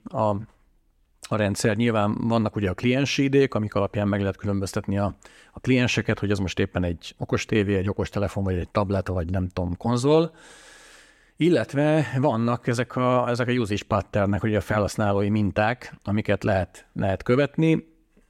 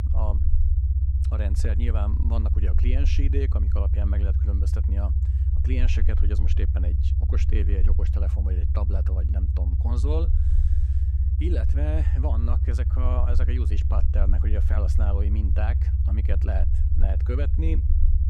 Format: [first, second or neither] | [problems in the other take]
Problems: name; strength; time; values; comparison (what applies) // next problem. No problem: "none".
first | low rumble; loud; throughout; 4 dB below the speech